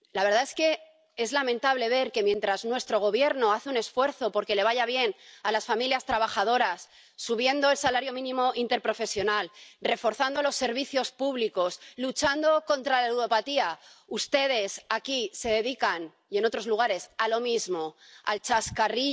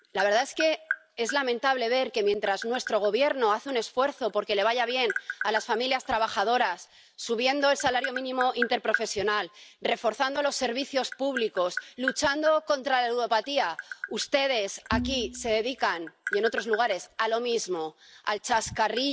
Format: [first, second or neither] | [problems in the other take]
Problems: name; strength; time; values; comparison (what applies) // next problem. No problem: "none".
first | background sound (Bowed string instrument + Tap); 12 dB below the speech